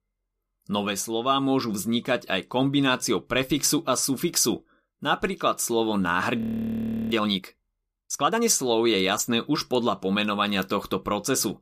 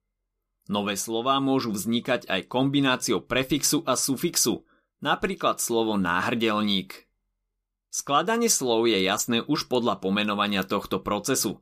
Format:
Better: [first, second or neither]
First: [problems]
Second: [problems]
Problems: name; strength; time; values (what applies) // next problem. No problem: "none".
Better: second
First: audio freezing; at 6.5 s for 0.5 s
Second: none